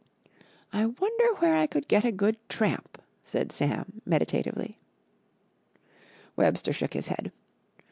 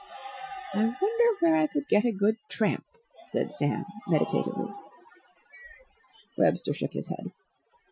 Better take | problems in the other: first | noise reduction (classical method Wiener filter)

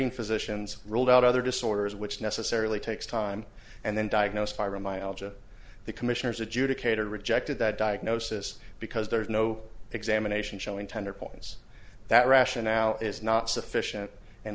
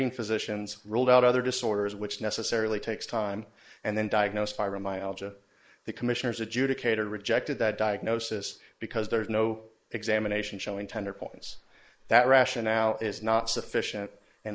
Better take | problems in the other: first | noise reduction (neural mask model Resemble Enhance denoiser)

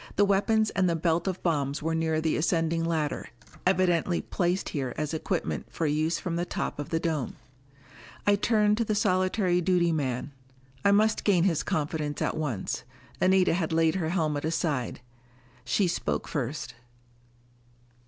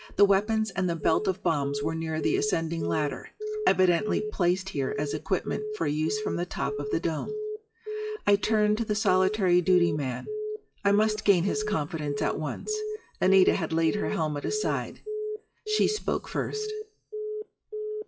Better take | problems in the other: first | noise reduction (classical method WPE with log-MMSE)

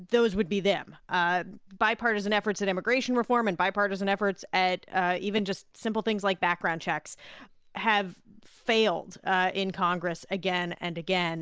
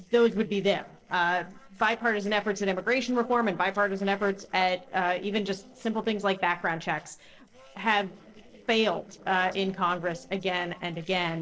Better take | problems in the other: first | noise reduction (neural separator model SepFormer DNS4)

